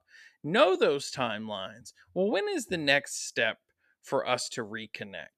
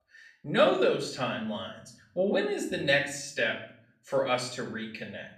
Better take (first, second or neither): first